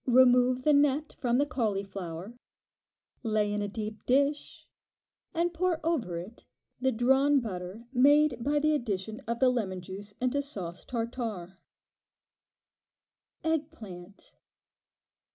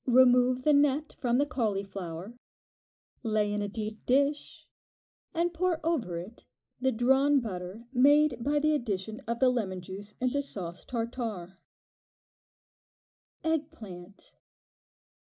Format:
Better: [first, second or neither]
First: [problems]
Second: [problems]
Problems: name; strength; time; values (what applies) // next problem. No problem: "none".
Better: first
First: none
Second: noise reduction (neural mask model Resemble Enhance denoiser)